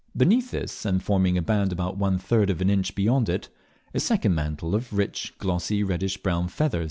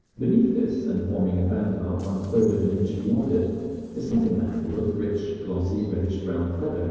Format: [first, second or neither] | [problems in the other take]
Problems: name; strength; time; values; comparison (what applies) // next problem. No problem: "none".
first | noise reduction (neural separator model SepFormer DNS4)